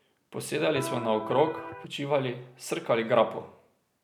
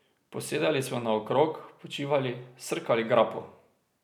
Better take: second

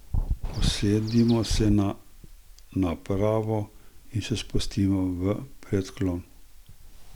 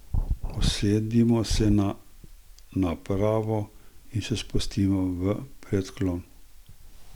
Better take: second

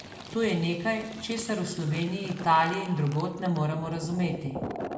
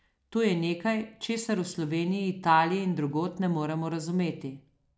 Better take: second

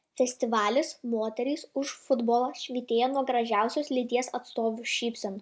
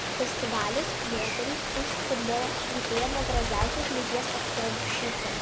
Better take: first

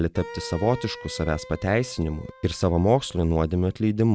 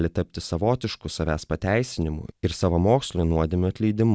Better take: second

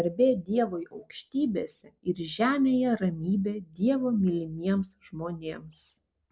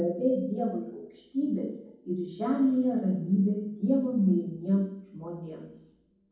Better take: first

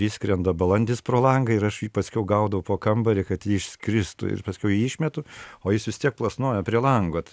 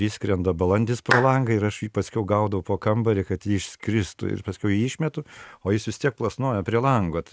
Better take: first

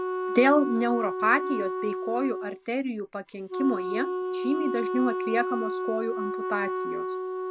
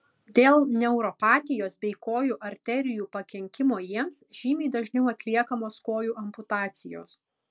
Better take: second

